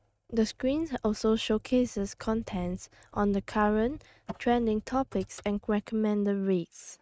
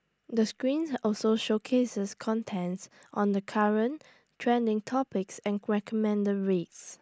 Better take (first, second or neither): second